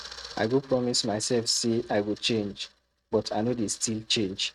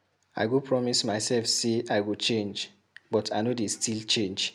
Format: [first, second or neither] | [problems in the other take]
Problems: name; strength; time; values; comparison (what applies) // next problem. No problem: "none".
second | noise reduction (neural mask model RNNoise)